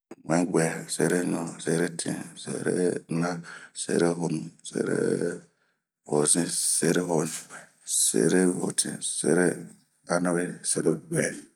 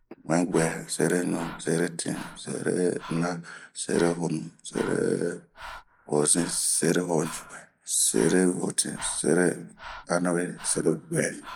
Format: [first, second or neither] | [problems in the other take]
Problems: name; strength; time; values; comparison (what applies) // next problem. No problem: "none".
first | noise reduction (neural mask model Resemble Enhance denoiser)